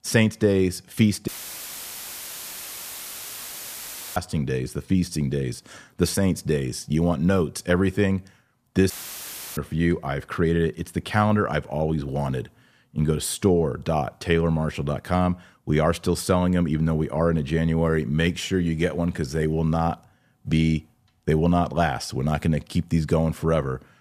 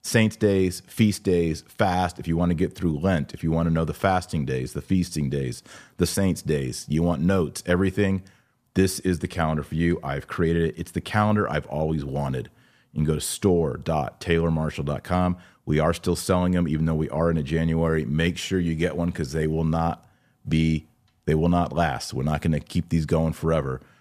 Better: second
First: audio cutting out; filled with static; at 1.5 s for 3 s and at 9 s for 0.5 s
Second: none

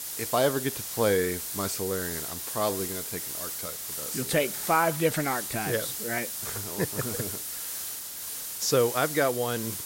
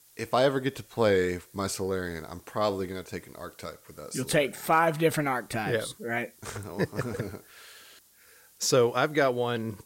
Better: second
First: hiss; loud; throughout; 4 dB below the speech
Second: hiss; faint; throughout; 25 dB below the speech

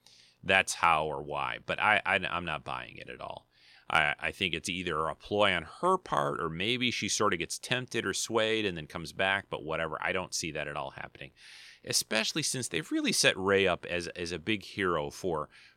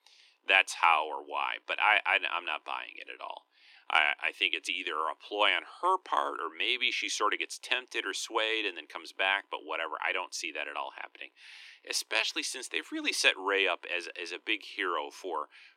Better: first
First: none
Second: thin; somewhat; fading below 300 Hz

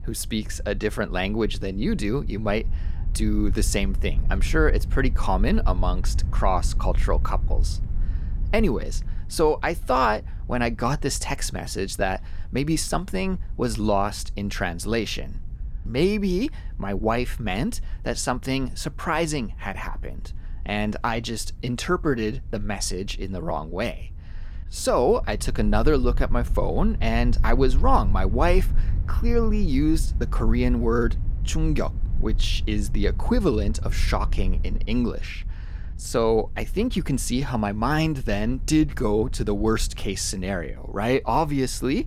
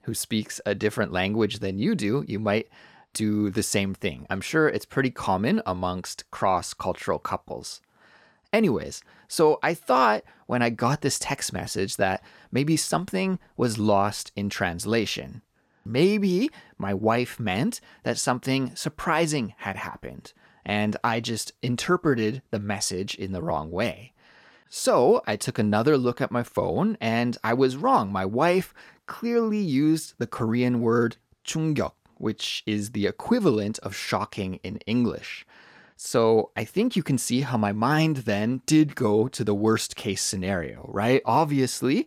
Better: second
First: low rumble; faint; throughout; 20 dB below the speech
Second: none

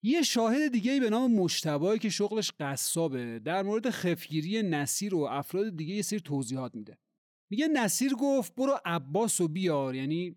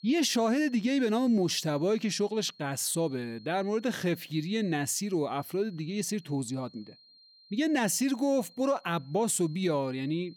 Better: first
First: none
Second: high-pitched whine; faint; throughout; 4 kHz, 25 dB below the speech

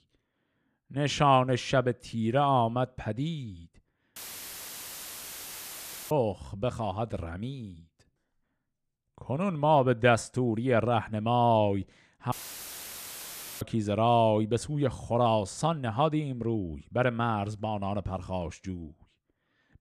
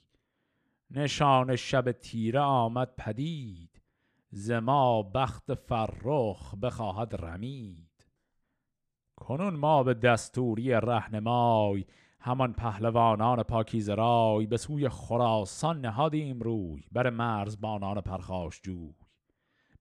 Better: second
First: audio cutting out; filled with static; at 4 s for 2 s and at 12 s for 1.5 s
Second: none

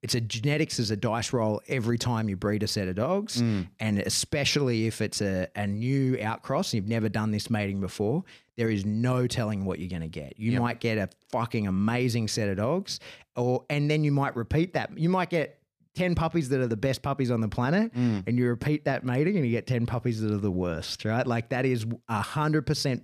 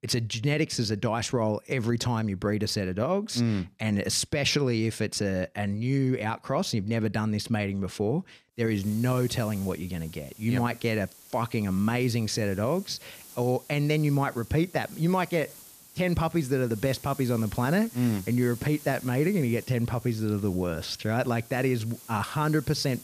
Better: first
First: none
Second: hiss; noticeable; from 8.5 s on; 20 dB below the speech

